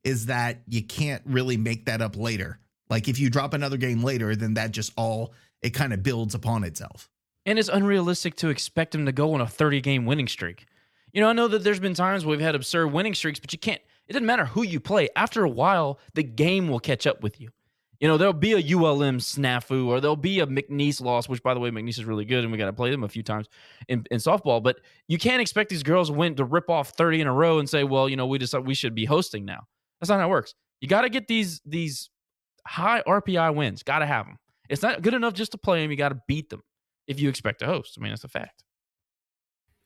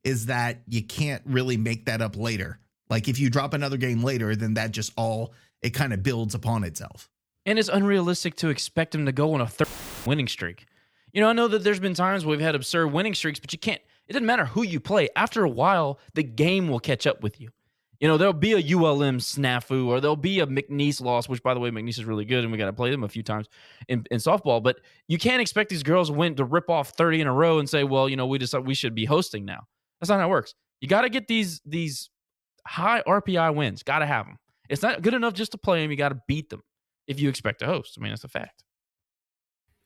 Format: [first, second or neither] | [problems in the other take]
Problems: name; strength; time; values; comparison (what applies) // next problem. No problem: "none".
first | audio cutting out; filled with static; at 9.5 s